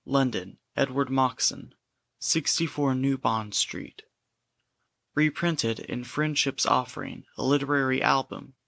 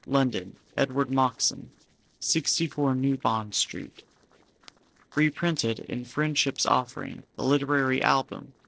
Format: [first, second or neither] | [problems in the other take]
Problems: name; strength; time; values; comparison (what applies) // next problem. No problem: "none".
first | noise reduction (neural separator model SepFormer DNS4)